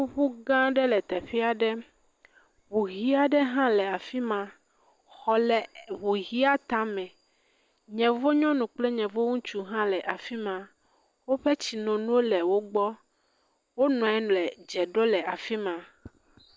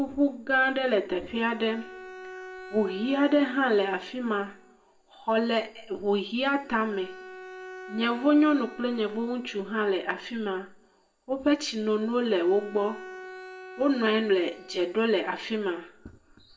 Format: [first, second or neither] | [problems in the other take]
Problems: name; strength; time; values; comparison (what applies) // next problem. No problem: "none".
first | background sound (Bowed string instrument); 19 dB below the speech // room echo; dies away in 0.3 s